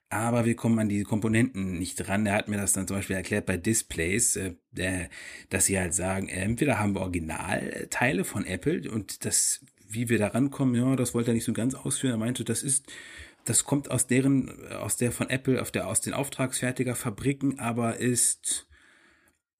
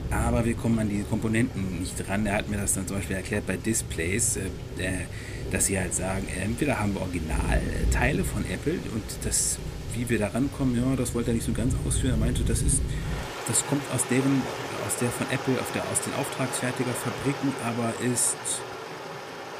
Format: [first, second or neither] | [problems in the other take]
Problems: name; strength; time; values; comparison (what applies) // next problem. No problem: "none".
first | rain or running water; loud; throughout; 6 dB below the speech